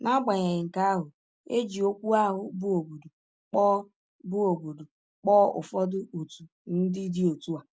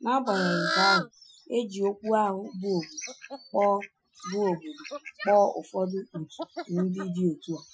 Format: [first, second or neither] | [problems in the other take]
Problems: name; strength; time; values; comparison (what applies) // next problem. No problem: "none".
first | noise reduction (classical method Wiener filter)